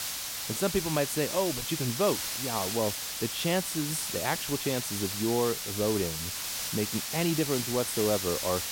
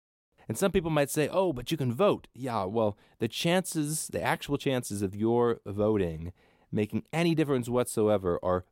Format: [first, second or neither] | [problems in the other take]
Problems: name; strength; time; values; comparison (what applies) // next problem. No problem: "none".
second | hiss; loud; throughout; 1 dB below the speech